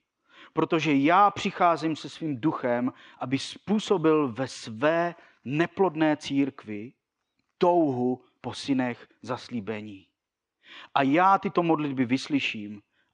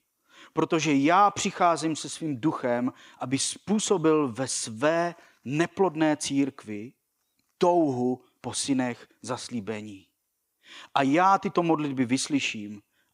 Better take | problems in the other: second | muffled; slightly; fading above 3 kHz

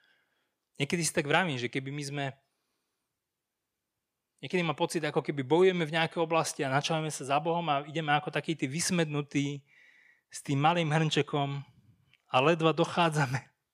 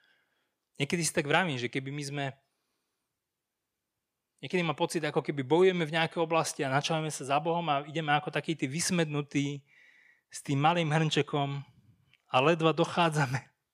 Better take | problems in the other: neither | none

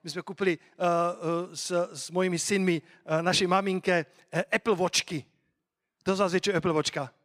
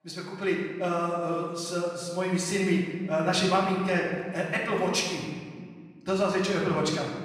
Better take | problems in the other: first | off-mic speech; far // room echo; noticeable; dies away in 1.6 s

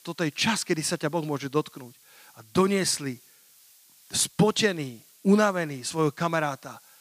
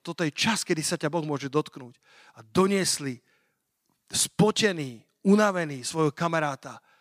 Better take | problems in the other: second | hiss; faint; throughout; 25 dB below the speech

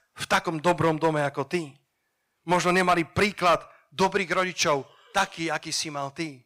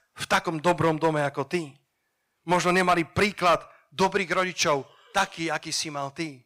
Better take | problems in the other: neither | distortion; slight; 3% of the sound clipped; the same in both

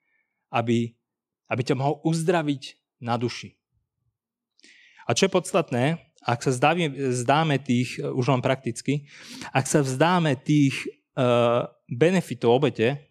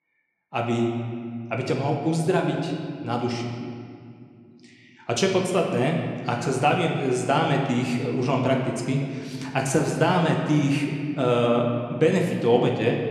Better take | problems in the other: first | room echo; noticeable; dies away in 1.9 s // off-mic speech; somewhat distant

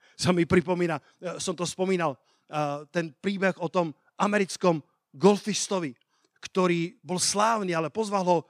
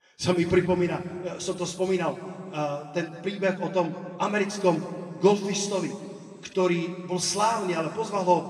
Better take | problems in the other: first | room echo; noticeable; dies away in 1.8 s // off-mic speech; somewhat distant

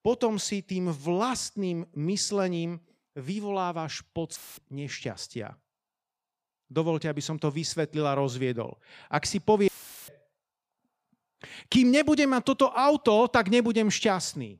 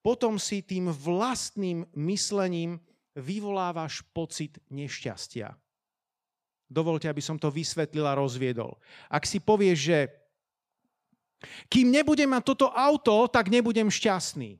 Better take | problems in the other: second | audio cutting out; filled with static; at 4.5 s and at 9.5 s

